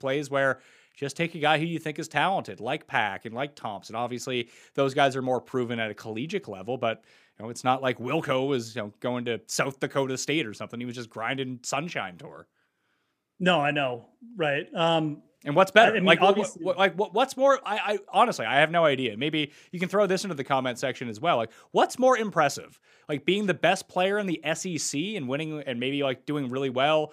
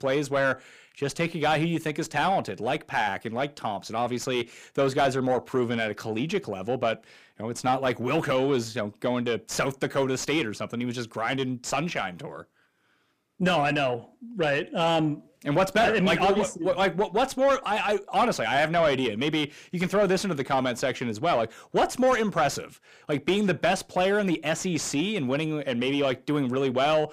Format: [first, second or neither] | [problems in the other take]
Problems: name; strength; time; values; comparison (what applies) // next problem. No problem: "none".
first | distortion; heavy; 8 dB below the speech